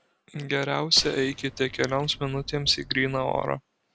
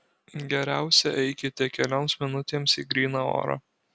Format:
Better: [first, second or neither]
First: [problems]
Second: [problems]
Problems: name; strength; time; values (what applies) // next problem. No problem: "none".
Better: second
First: background sound (Gunshot, gunfire + Trickle, dribble / Chirp, tweet); 18 dB below the speech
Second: none